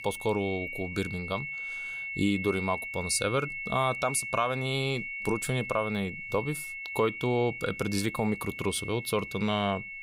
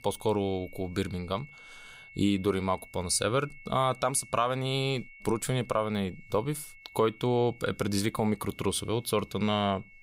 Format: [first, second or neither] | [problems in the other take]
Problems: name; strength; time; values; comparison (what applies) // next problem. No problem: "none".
second | high-pitched whine; loud; throughout; 2 kHz, 6 dB below the speech; faint in the second